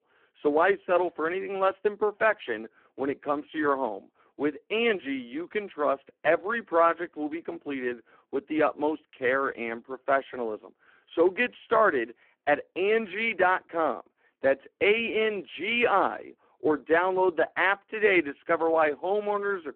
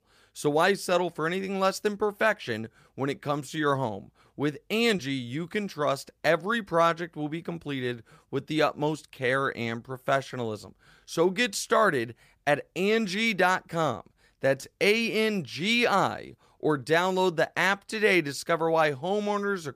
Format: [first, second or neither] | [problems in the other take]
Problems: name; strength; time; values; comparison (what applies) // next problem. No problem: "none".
second | phone-call audio; poor line